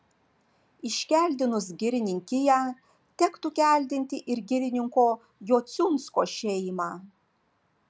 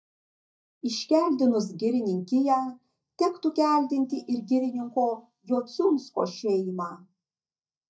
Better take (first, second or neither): first